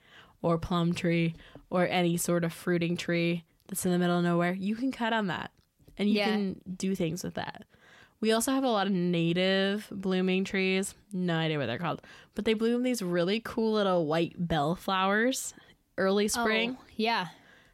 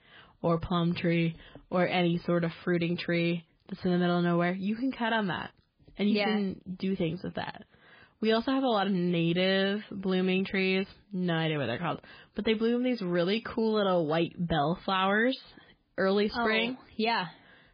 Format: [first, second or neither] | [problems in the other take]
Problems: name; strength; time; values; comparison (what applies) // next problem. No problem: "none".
first | garbled, watery; badly; nothing above 4 kHz